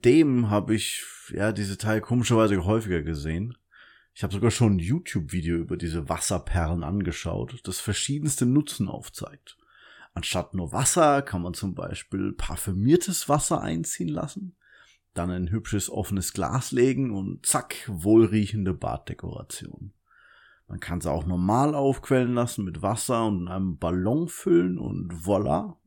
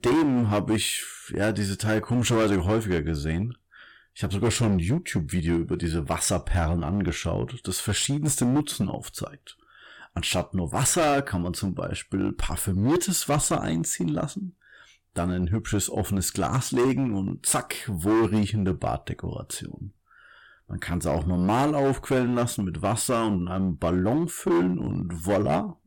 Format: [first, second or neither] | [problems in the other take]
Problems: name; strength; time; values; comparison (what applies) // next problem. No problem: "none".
first | distortion; heavy; 9% of the sound clipped